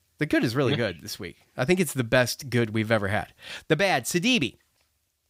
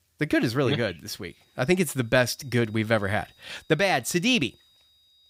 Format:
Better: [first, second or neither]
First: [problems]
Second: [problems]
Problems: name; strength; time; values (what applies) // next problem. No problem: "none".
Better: first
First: none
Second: high-pitched whine; faint; from 1 s on; 4 kHz, 35 dB below the speech